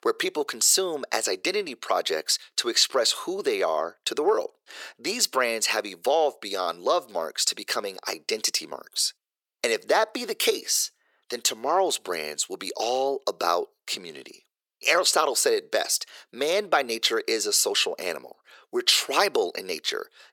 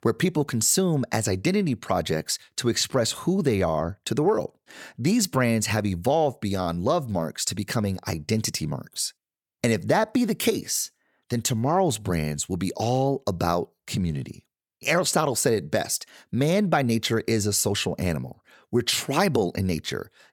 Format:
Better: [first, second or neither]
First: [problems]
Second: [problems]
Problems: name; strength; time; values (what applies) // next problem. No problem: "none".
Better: second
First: thin; very; fading below 400 Hz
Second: none